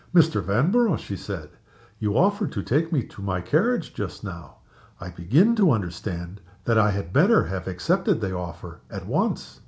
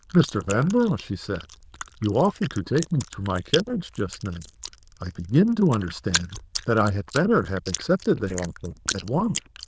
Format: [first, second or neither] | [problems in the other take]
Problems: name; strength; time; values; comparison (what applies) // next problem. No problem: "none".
first | noise reduction (neural diffusion model UNIVERSE++)